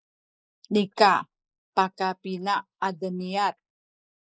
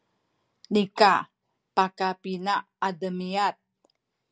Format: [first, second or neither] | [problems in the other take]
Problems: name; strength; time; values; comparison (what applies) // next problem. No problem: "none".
second | noise reduction (neural mask model Resemble Enhance denoiser)